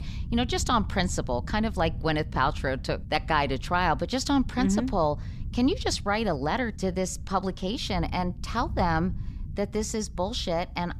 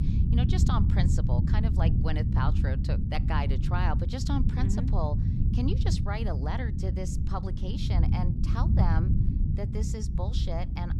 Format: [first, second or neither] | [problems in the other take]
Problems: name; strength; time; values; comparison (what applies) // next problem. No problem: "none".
first | low rumble; loud; throughout; 4 dB below the speech; faint in the first